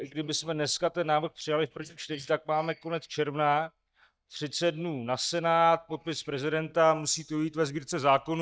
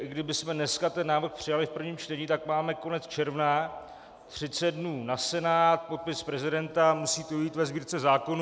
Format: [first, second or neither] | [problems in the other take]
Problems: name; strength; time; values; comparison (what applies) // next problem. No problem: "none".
second | noise reduction (neural mask model DeepFilterNet 3)